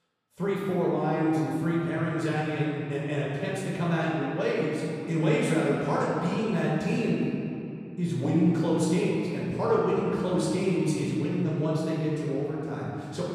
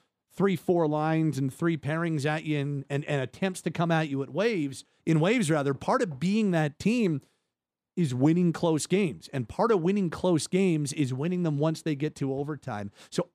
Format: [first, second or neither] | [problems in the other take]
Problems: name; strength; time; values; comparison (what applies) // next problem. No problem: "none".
second | off-mic speech; far // room echo; strong; dies away in 2.5 s